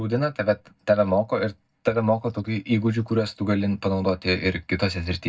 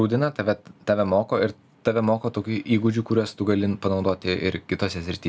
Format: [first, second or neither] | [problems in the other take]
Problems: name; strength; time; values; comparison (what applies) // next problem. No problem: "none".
second | noise reduction (neural mask model DeepFilterNet 3)